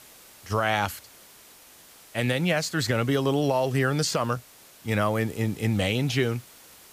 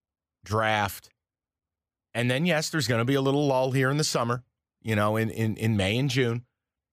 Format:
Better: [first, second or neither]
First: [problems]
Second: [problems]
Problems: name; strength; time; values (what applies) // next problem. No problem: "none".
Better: second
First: hiss; faint; throughout; 20 dB below the speech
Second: none